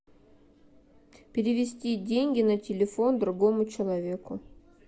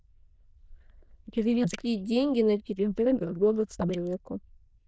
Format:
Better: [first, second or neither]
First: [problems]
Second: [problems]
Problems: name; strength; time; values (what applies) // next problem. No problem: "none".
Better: first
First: none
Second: noise reduction (neural diffusion model UNIVERSE++)